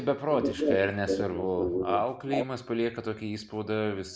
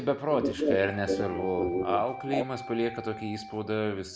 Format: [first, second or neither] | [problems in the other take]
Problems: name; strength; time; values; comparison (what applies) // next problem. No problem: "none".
first | background sound (Wind instrument, woodwind instrument); 15 dB below the speech